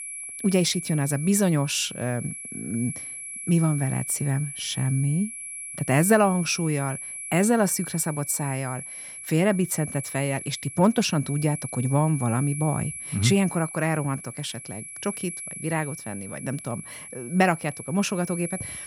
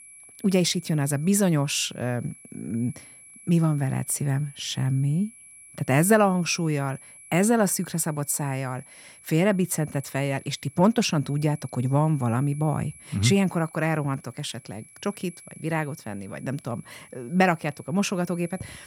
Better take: second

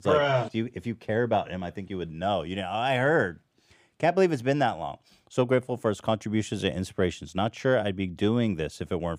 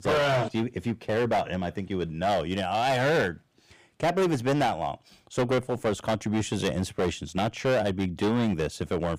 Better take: first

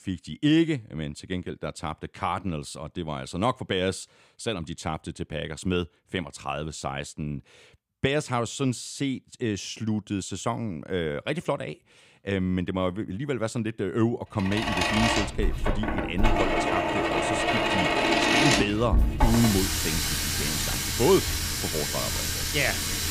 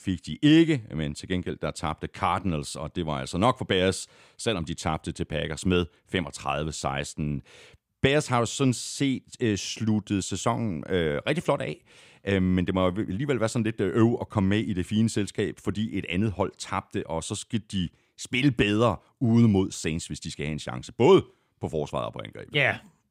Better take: second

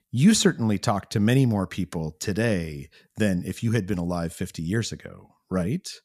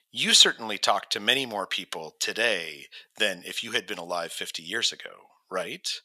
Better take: first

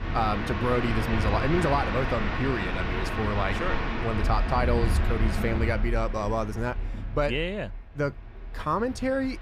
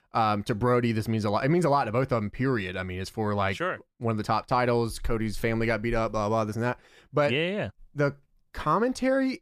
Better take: second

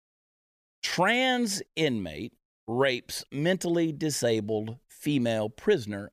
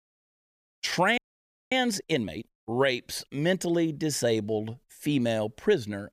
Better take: first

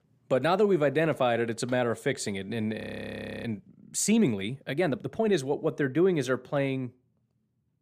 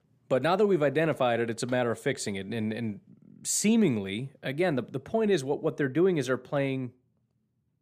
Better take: second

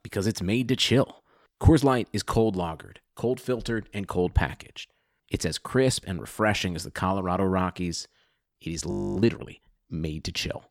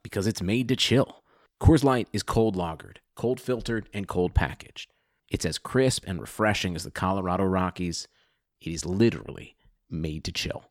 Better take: second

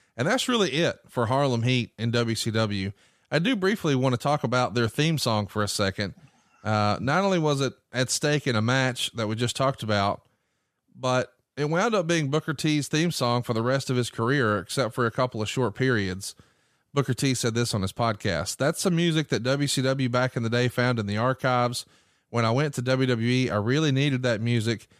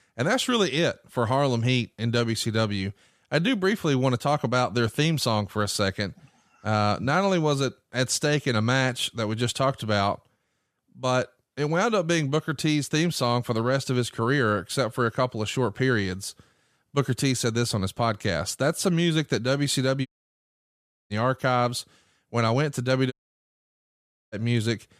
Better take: first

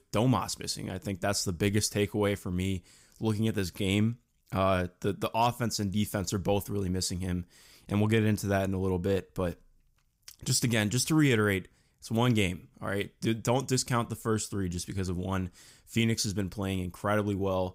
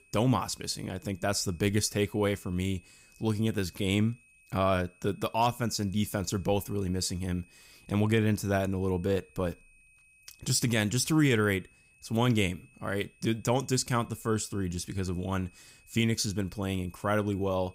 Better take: first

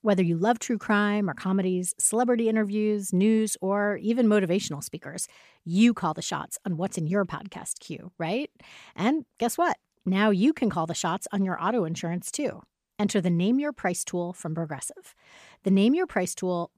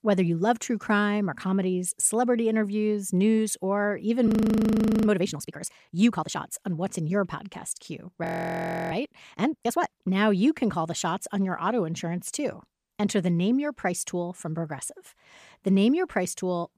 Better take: first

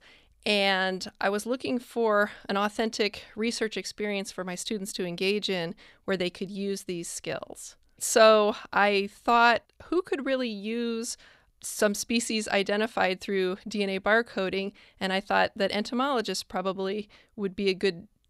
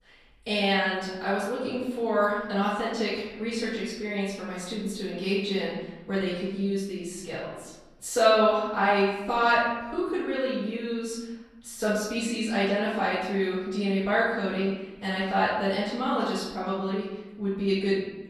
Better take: first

